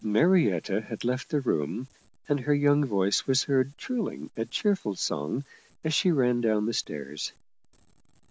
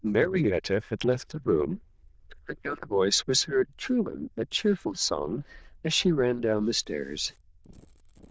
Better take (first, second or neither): first